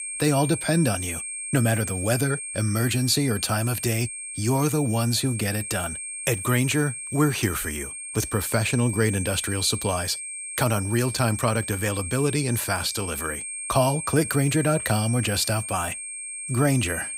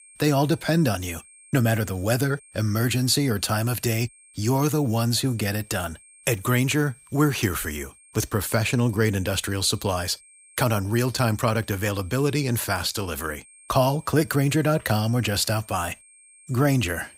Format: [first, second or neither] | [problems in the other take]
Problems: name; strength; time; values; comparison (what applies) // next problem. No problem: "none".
second | high-pitched whine; loud; throughout; 8.5 kHz, 7 dB below the speech; faint in the second